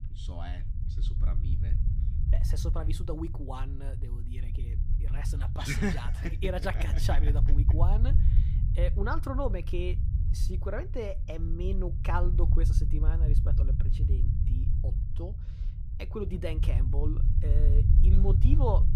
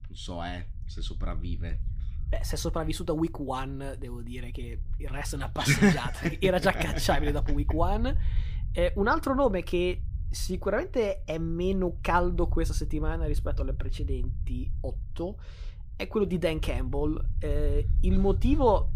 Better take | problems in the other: second | low rumble; loud; throughout; 8 dB below the speech; faint in the second

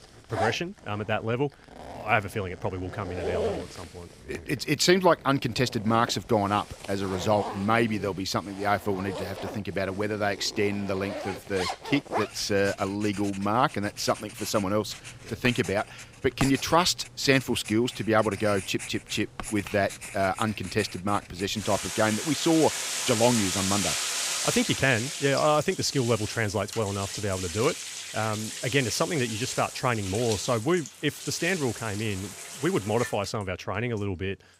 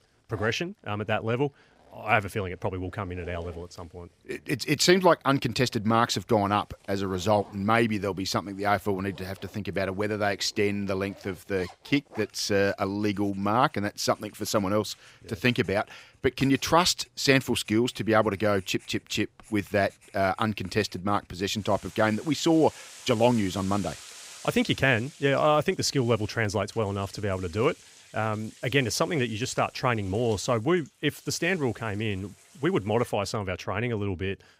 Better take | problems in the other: second | household noises; loud; throughout; 7 dB below the speech; faint in the second

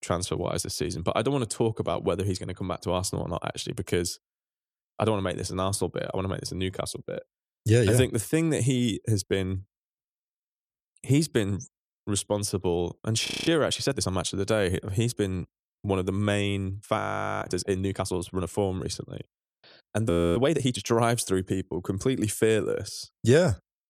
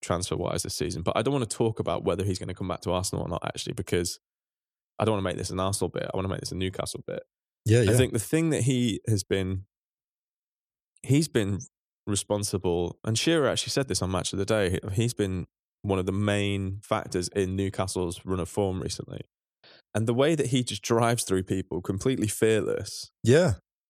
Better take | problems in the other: second | audio freezing; at 13 s, at 17 s and at 20 s

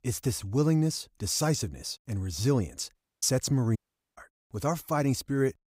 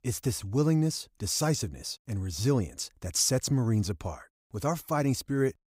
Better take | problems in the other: second | audio cutting out; at 3 s and at 4 s

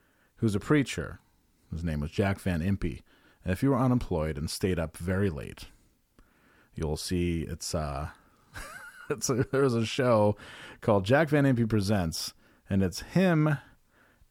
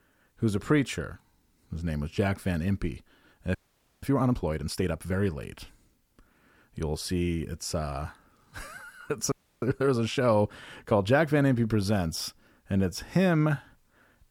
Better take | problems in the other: first | audio freezing; at 3.5 s and at 9.5 s

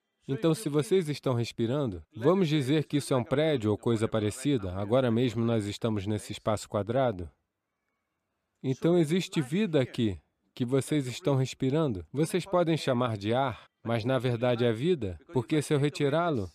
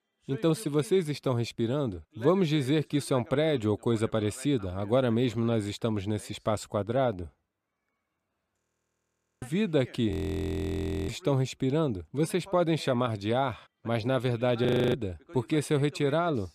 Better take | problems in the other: first | audio freezing; at 8.5 s for 1 s, at 10 s for 1 s and at 15 s

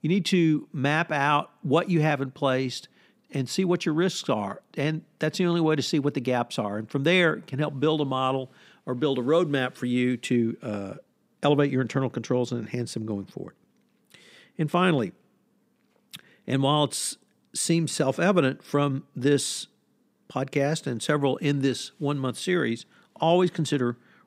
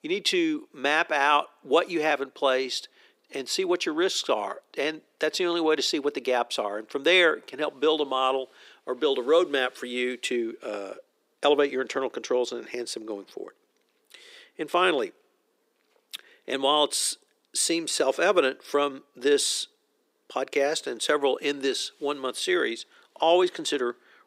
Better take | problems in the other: first | thin; somewhat; fading below 400 Hz

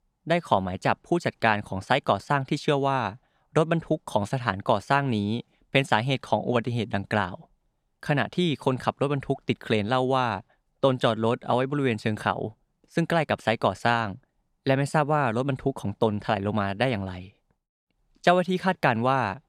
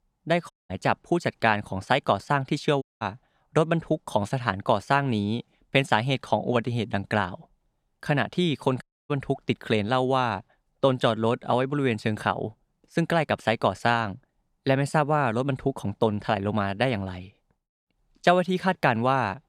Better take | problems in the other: first | audio cutting out; at 0.5 s, at 3 s and at 9 s

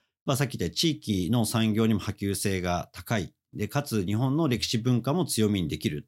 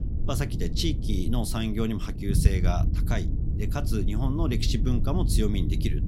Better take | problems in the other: first | low rumble; loud; throughout; 8 dB below the speech

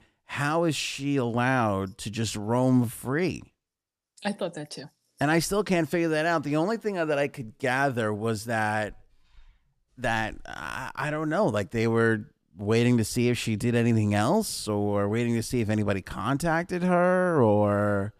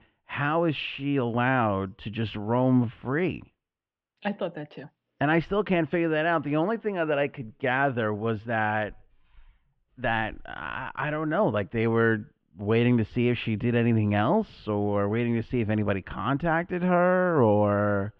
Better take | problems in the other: first | muffled; very; fading above 3 kHz

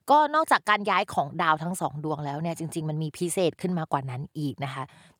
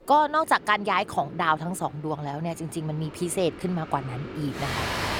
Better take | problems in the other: first | rain or running water; loud; throughout; 10 dB below the speech

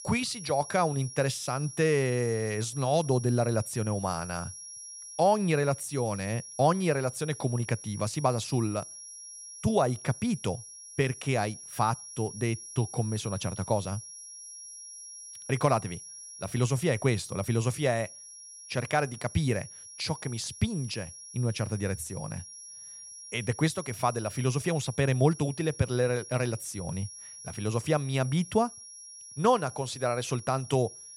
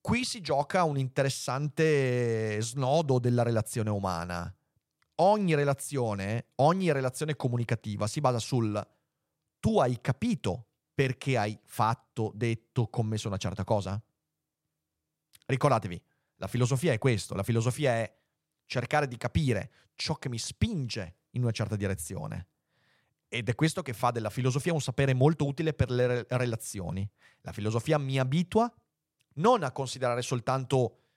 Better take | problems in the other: second | high-pitched whine; noticeable; throughout; 5.5 kHz, 15 dB below the speech

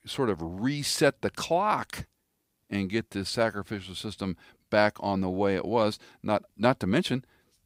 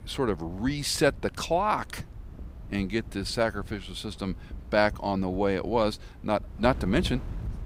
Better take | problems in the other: first | wind noise on the microphone; occasional gusts; 25 dB below the speech

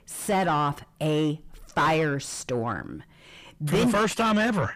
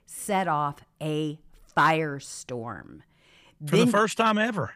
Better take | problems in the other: second | distortion; heavy; 6 dB below the speech

